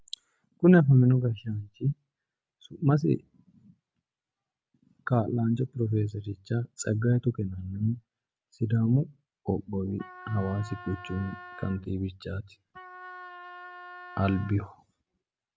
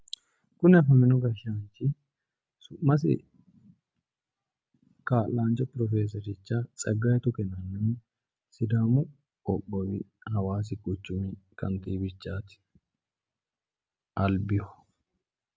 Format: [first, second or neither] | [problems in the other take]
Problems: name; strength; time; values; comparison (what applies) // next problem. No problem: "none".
second | background sound (Wind instrument, woodwind instrument); 16 dB below the speech